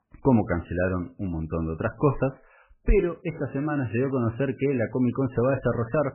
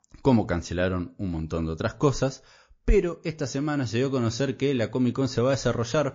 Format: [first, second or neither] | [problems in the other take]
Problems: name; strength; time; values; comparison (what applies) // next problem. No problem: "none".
second | garbled, watery; badly; nothing above 2.5 kHz; slightly in the second